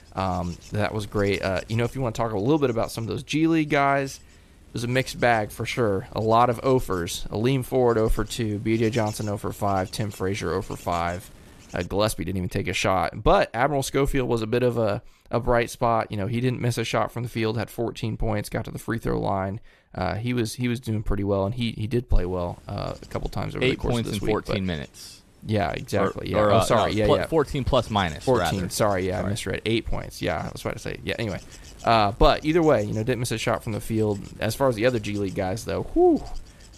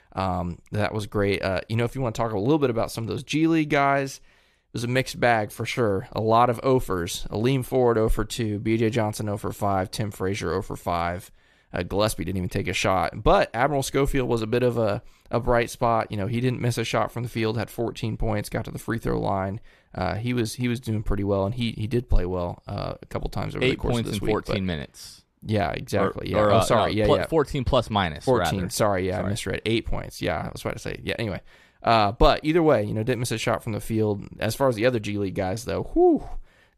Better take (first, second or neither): second